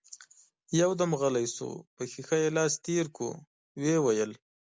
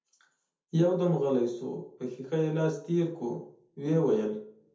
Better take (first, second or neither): first